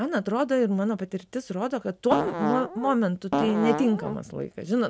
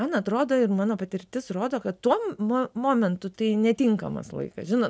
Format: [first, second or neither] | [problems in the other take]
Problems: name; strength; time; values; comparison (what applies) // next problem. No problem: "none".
second | background sound (Fart); 3 dB below the speech